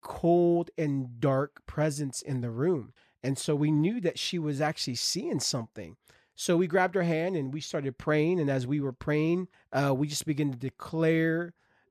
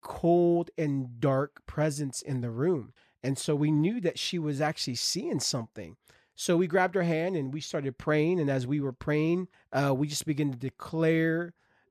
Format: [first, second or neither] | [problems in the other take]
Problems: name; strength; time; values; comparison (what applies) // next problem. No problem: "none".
neither | none